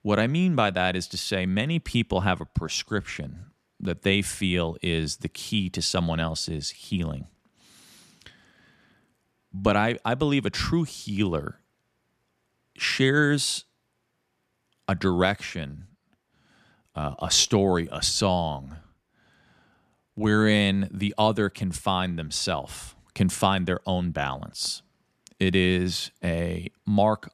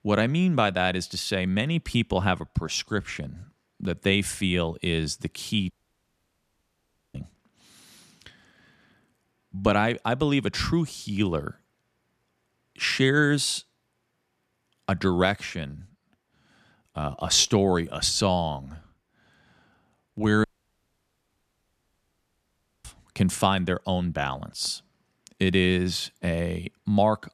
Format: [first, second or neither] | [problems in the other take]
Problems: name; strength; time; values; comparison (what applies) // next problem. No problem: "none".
first | audio cutting out; at 5.5 s for 1.5 s and at 20 s for 2.5 s